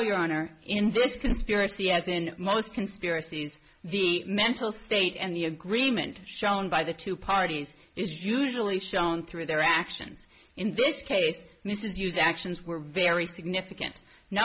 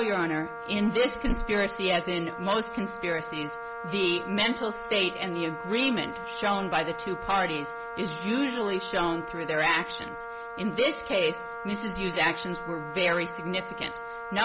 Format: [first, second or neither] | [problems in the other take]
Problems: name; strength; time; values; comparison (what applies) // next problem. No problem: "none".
first | background sound (Wind instrument, woodwind instrument); 8 dB below the speech